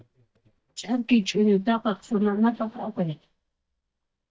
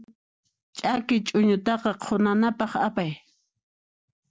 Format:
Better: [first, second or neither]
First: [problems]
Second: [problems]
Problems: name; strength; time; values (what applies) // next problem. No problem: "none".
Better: second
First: noise reduction (neural mask model DeepFilterNet 3)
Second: none